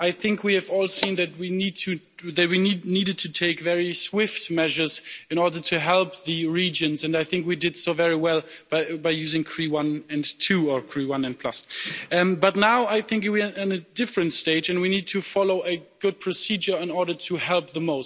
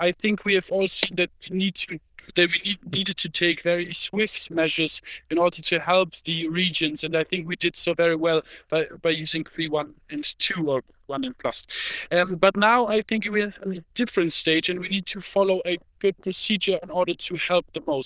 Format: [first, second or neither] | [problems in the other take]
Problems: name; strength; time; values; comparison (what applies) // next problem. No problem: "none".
first | noise reduction (neural diffusion model UNIVERSE++)